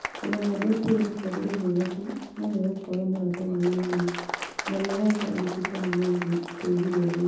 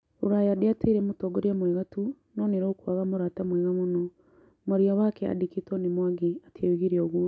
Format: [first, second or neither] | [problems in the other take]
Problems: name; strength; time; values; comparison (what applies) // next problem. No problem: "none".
second | background sound (Applause); 11 dB below the speech // room echo; dies away in 0.8 s